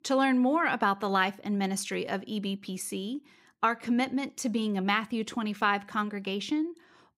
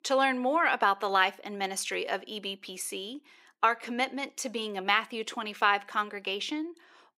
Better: first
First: none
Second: thin; somewhat; fading below 500 Hz

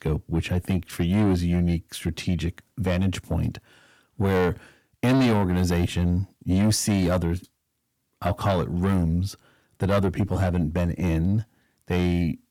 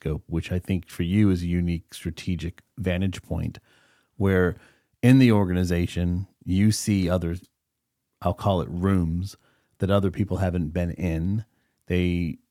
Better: second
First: distortion; heavy; 7 dB below the speech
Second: none

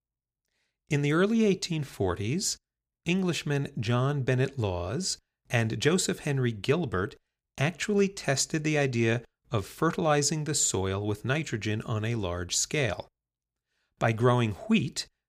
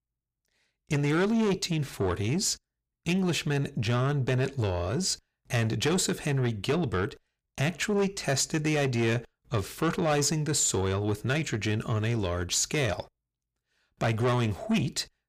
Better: first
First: none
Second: distortion; slight; 10 dB below the speech

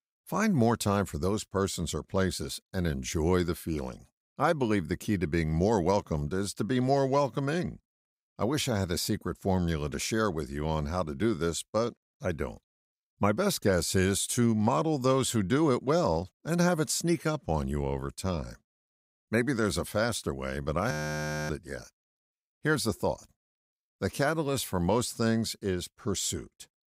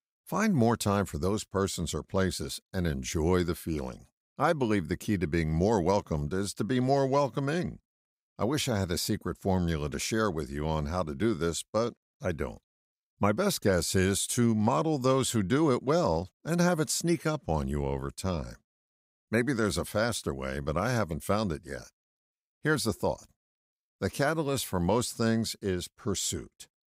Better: second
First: audio freezing; at 21 s for 0.5 s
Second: none

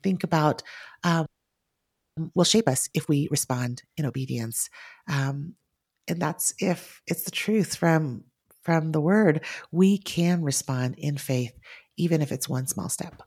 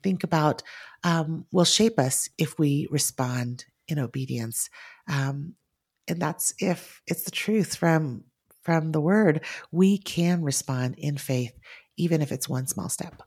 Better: second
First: audio freezing; at 1.5 s for 1 s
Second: none

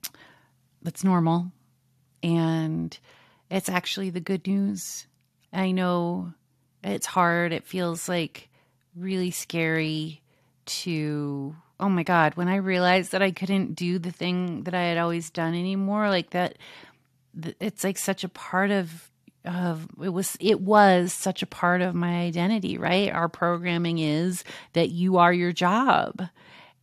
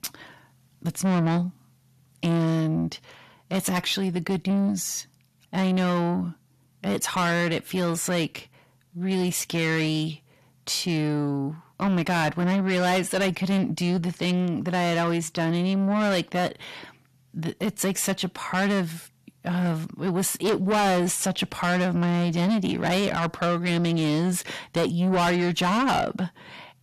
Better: first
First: none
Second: distortion; heavy; 6 dB below the speech

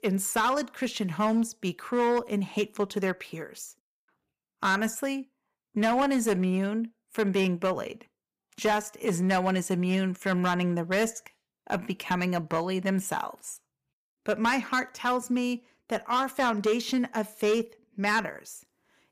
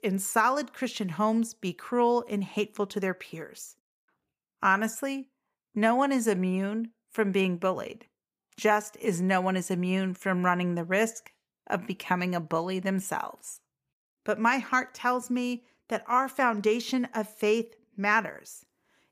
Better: second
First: distortion; slight; 5% of the sound clipped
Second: none

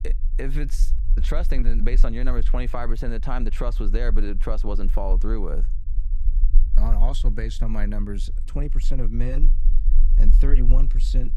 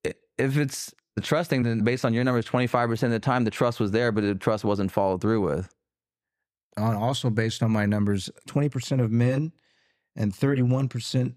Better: second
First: low rumble; noticeable; throughout; 15 dB below the speech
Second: none

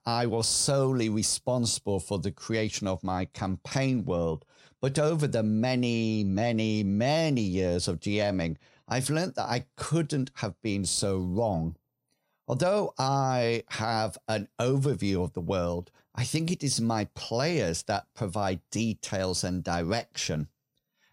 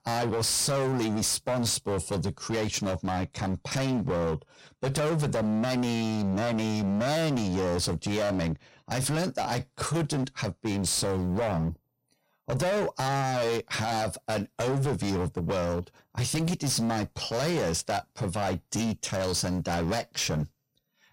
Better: first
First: none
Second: distortion; heavy; 24% of the sound clipped

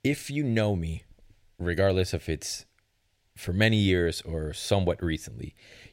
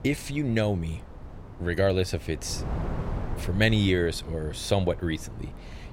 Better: first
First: none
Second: wind noise on the microphone; occasional gusts; 15 dB below the speech

